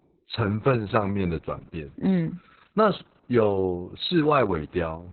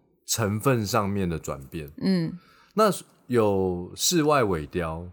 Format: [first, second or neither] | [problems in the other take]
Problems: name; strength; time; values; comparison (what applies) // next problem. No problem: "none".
second | garbled, watery; badly; nothing above 4 kHz